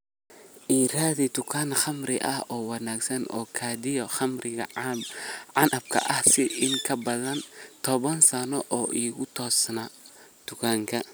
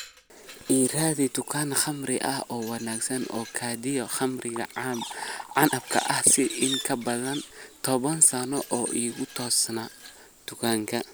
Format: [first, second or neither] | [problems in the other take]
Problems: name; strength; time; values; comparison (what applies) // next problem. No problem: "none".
first | background sound (Liquid + Glass); 20 dB below the speech